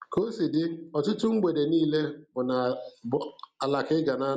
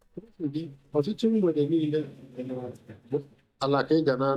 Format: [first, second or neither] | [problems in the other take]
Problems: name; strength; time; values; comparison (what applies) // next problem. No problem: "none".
first | noise reduction (neural mask model DeepFilterNet 3)